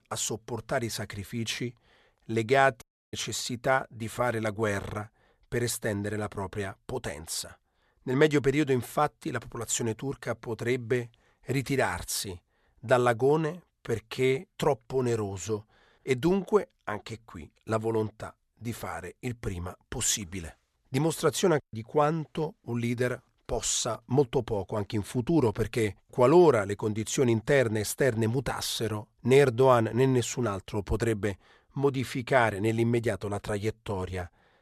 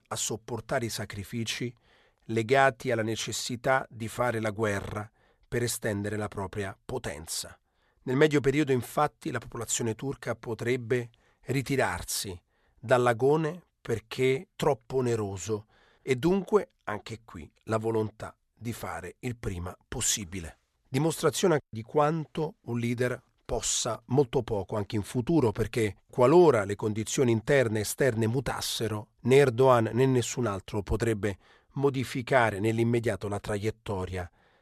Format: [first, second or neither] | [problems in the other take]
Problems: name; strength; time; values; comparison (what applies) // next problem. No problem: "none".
second | audio cutting out; at 3 s